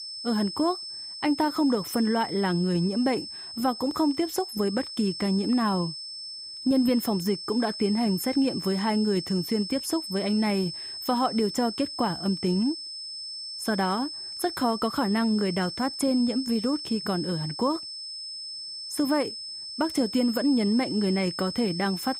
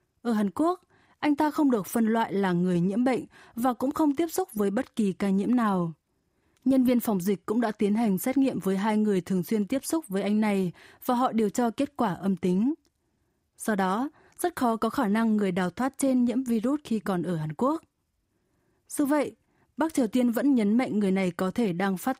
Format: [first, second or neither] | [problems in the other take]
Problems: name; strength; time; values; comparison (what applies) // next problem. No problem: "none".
second | high-pitched whine; loud; throughout; 5 kHz, 8 dB below the speech